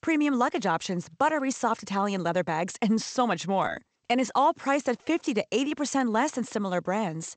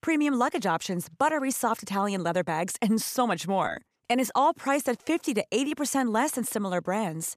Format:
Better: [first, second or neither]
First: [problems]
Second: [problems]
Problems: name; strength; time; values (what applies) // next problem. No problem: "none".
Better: second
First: garbled, watery; slightly; nothing above 8 kHz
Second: none